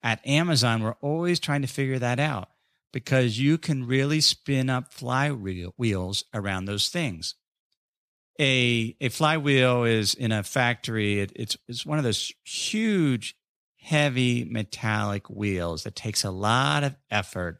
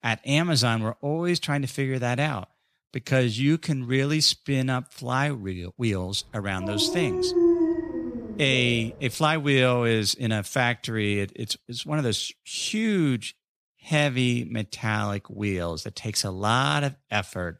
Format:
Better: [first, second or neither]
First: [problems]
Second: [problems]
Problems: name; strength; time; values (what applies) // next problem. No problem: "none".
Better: first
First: none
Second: dog barking; loud; from 6.5 to 8.5 s; peak 4 dB above the speech